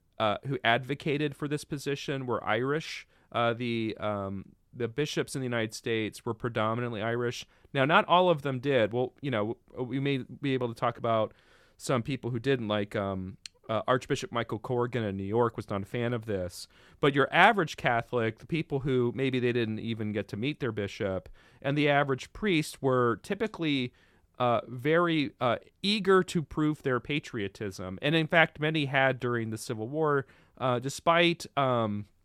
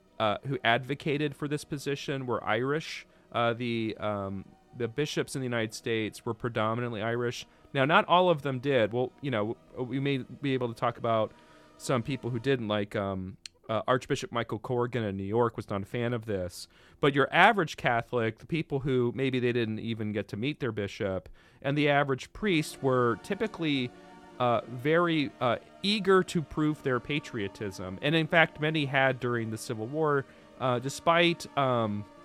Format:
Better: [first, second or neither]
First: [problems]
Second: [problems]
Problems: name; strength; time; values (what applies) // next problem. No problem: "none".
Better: first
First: none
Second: background music; faint; throughout; 25 dB below the speech